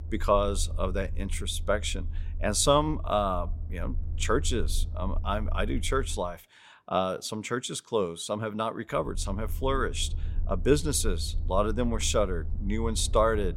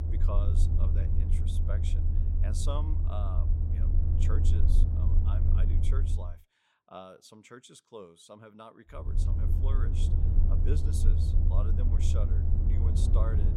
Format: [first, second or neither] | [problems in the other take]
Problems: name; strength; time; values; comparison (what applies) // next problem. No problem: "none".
first | low rumble; loud; until 6 s and from 9 s on; as loud as the speech; faint in the first